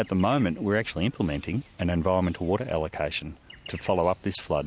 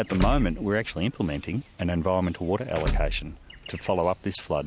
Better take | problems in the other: first | background sound (Door / Car); 4 dB below the speech

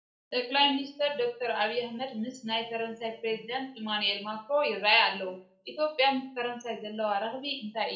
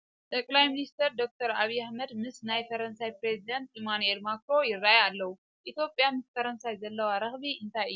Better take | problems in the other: second | room echo; dies away in 0.4 s

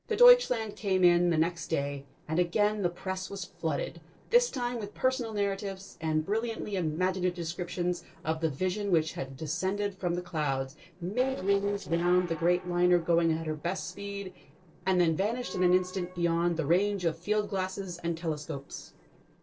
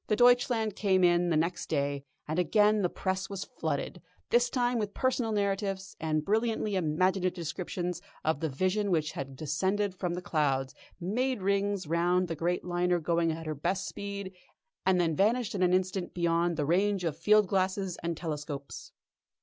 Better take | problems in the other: second | noise reduction (neural separator model SepFormer DNS4)

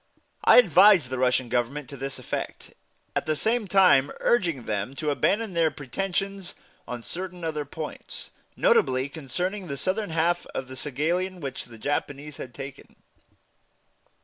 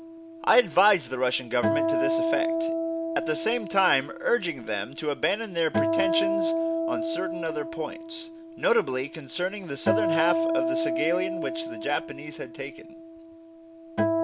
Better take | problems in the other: first | background sound (Acoustic guitar); 1 dB below the speech

